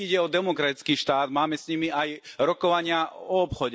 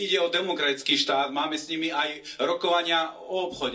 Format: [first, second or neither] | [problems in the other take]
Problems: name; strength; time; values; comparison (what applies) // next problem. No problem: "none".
first | room echo; dies away in 0.3 s